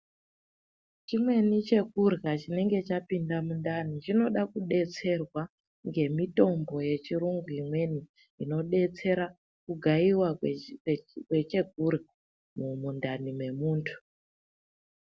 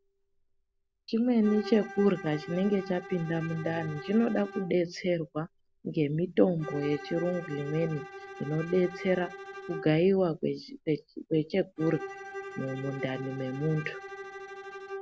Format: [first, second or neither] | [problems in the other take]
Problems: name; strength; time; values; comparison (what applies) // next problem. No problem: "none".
first | background sound (Bowed string instrument); 13 dB below the speech